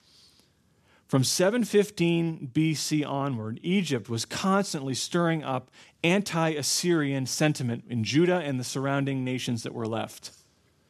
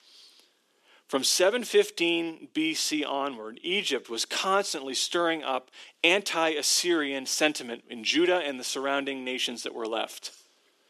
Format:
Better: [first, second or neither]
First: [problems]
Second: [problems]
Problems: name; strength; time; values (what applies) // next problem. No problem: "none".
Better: first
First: none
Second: thin; somewhat; fading below 300 Hz